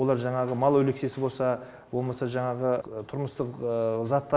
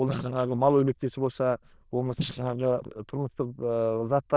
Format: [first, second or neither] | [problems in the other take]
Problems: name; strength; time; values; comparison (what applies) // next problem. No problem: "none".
first | noise reduction (neural diffusion model UNIVERSE++)